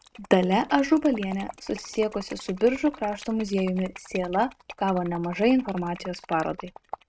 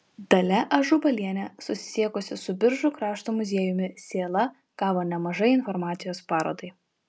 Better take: second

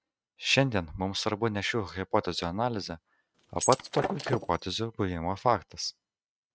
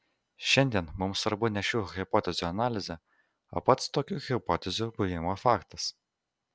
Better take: second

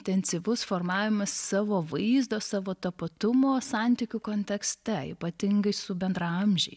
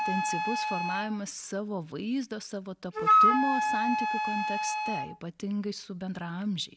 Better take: first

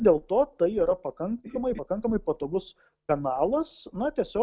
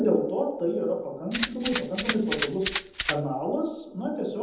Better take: first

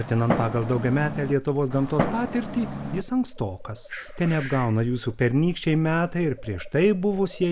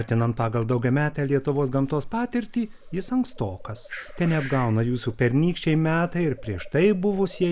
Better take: second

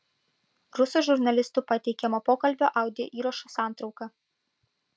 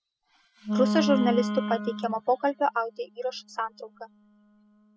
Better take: first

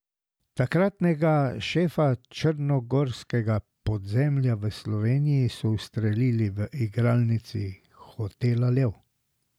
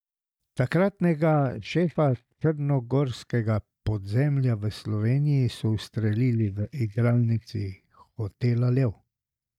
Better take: first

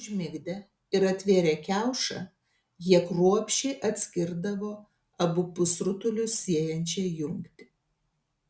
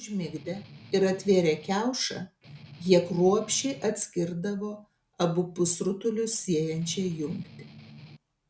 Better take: first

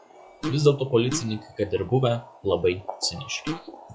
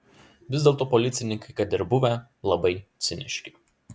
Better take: second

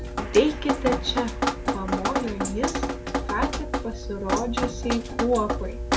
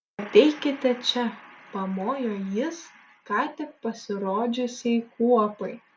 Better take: second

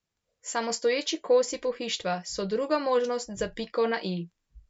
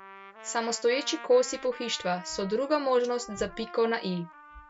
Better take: first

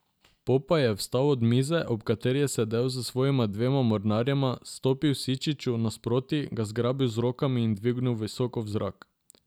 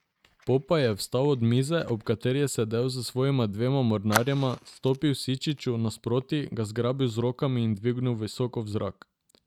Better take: first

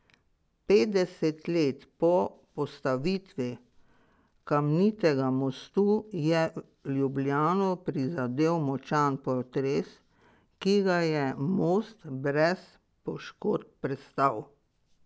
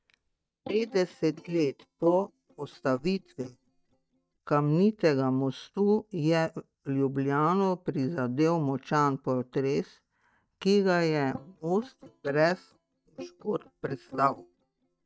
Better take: first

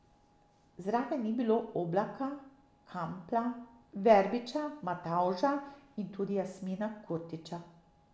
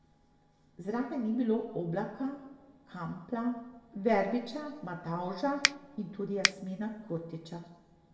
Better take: first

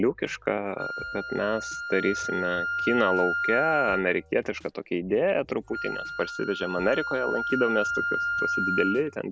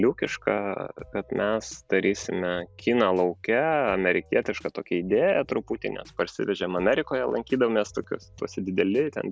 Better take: second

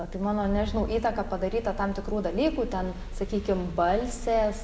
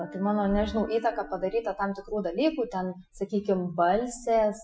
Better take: first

